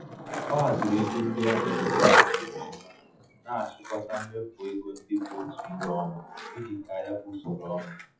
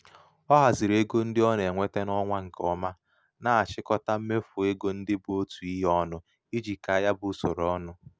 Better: second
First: noise reduction (classical method WPE with log-MMSE)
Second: none

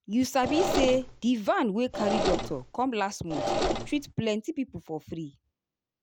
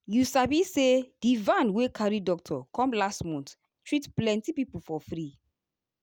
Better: second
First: background sound (Engine / Mechanisms); 1 dB below the speech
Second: none

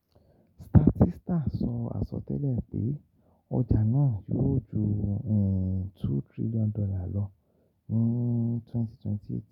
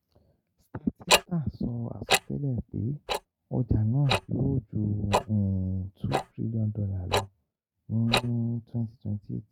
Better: first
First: none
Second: noise reduction (neural mask model RNNoise)

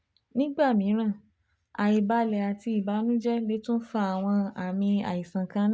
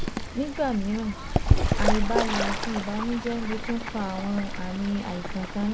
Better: first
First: none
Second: background sound (Bird / Fowl); 3 dB above the speech

